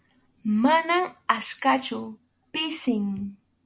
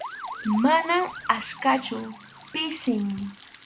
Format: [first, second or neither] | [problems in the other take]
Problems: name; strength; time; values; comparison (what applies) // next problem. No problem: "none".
first | background sound (Motor vehicle (road) / Siren + Liquid); 14 dB below the speech